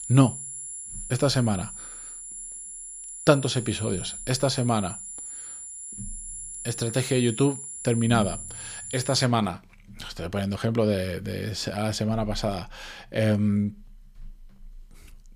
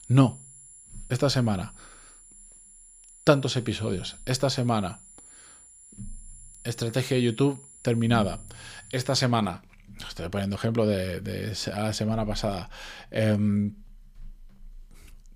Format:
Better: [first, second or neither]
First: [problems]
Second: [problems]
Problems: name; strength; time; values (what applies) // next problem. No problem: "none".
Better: second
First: high-pitched whine; loud; until 9.5 s; 10 kHz, 9 dB below the speech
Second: high-pitched whine; faint; until 9.5 s; 10 kHz, 20 dB below the speech